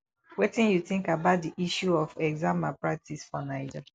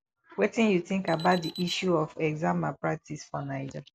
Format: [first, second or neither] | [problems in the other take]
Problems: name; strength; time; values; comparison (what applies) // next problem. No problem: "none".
first | background sound (Alarm); 17 dB below the speech